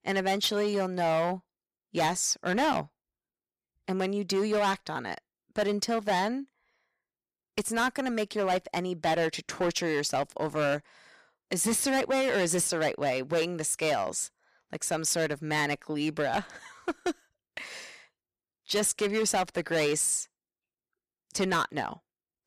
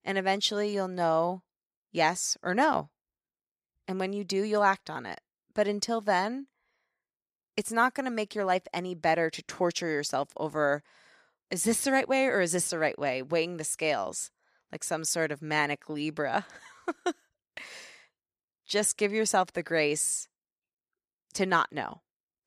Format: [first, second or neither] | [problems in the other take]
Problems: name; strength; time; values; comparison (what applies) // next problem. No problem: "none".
second | distortion; heavy; 9% of the sound clipped